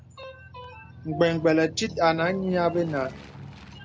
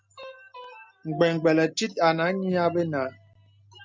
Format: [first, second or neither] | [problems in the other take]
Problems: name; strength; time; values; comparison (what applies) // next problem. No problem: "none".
second | background sound (Aircraft); 16 dB below the speech